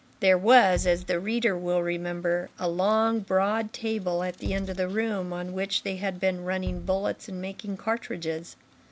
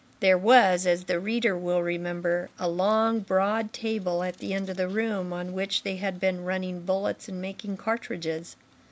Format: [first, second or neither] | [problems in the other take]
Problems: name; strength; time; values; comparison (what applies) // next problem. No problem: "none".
second | background sound (Bass drum); 15 dB below the speech